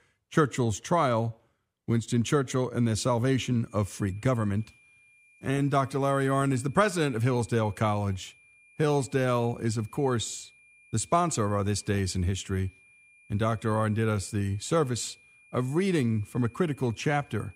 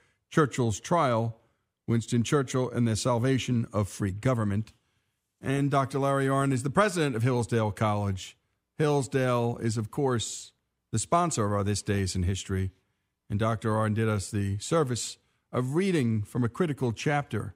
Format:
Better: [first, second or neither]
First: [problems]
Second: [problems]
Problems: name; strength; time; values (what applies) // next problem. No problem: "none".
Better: second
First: high-pitched whine; faint; from 3.5 s on; 2.5 kHz, 30 dB below the speech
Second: none